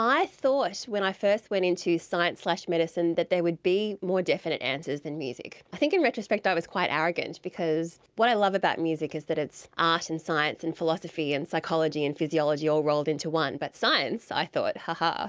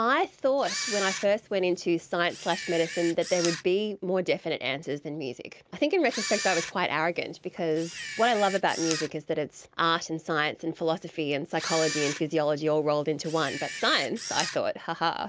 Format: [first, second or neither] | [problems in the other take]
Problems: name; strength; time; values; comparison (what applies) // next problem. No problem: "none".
first | background sound (Camera); 9 dB below the speech